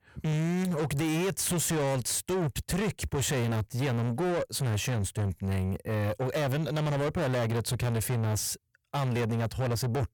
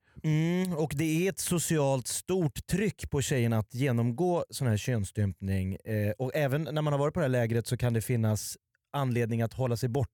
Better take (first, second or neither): second